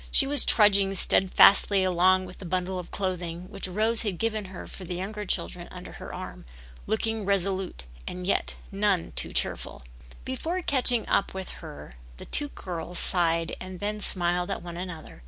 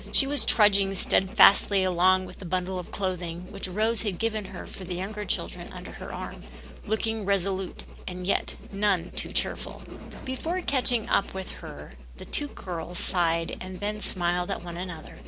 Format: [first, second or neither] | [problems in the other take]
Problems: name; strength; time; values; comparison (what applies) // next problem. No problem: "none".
first | background sound (Drawer open or close + Writing); 16 dB below the speech